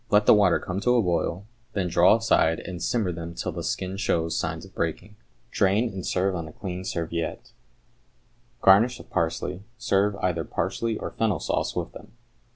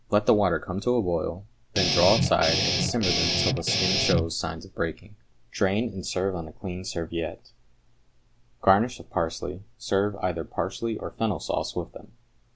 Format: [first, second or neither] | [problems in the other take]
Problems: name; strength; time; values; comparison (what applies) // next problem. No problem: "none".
first | background sound (Guitar); 1 dB above the speech